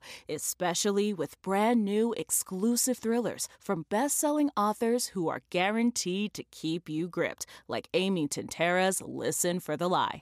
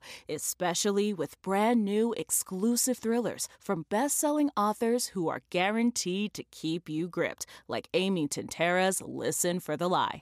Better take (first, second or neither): neither